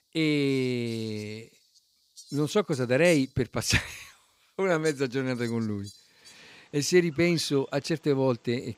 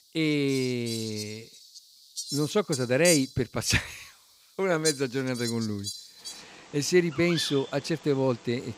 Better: first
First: animal sounds; faint; throughout; 20 dB below the speech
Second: animal sounds; loud; throughout; 7 dB below the speech

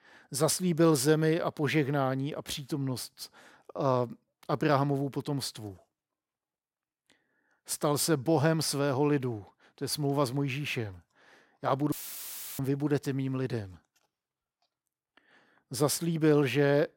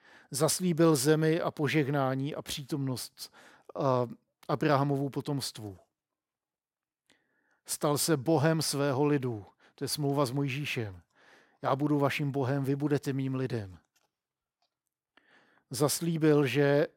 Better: second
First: audio cutting out; filled with static; at 12 s for 0.5 s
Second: none

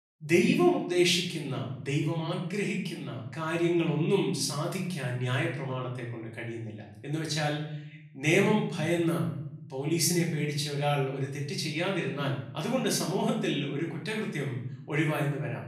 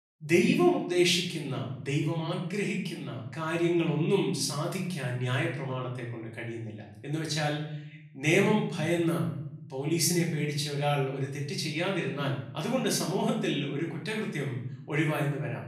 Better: neither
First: room echo; noticeable; dies away in 0.7 s // off-mic speech; far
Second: room echo; noticeable; dies away in 0.7 s // off-mic speech; far

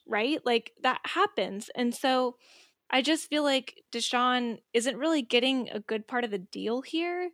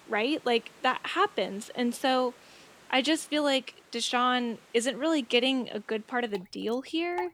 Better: first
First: none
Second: rain or running water; faint; throughout; 25 dB below the speech

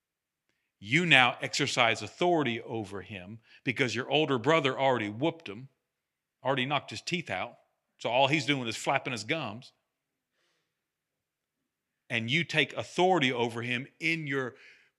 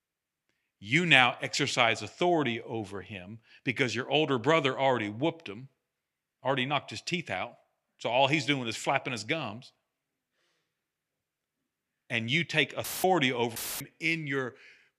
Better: first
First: none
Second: audio cutting out; filled with static; at 13 s and at 14 s

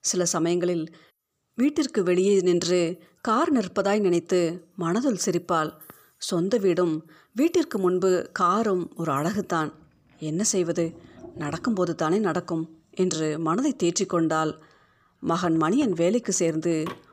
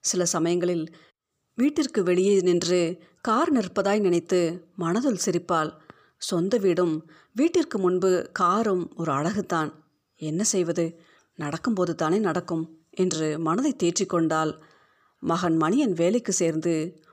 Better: second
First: household noises; faint; throughout; 25 dB below the speech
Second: none

